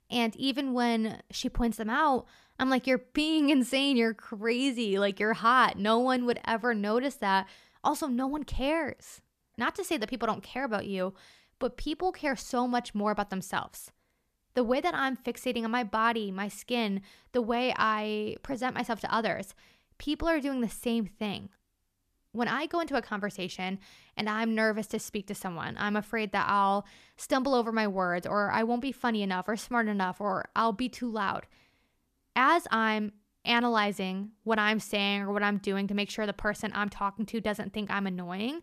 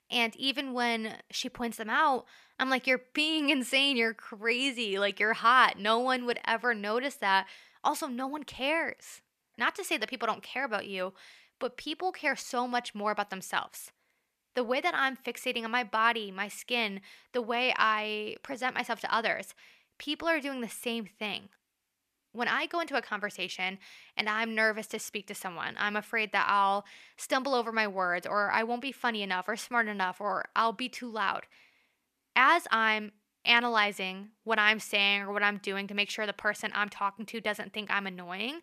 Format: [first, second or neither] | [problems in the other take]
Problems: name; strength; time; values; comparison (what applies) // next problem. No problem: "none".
first | thin; very slightly; fading below 550 Hz